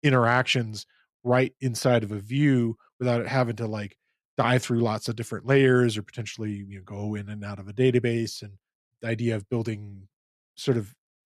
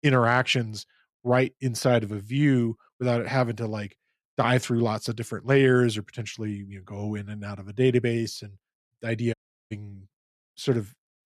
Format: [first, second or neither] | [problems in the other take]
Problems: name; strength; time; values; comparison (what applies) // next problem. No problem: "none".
first | audio cutting out; at 9.5 s